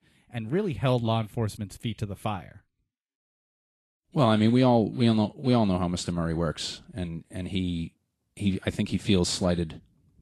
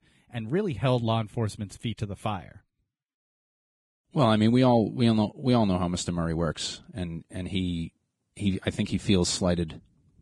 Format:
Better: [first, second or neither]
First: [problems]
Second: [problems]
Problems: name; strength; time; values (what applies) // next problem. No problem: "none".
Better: first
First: garbled, watery; slightly; nothing above 11.5 kHz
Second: garbled, watery; badly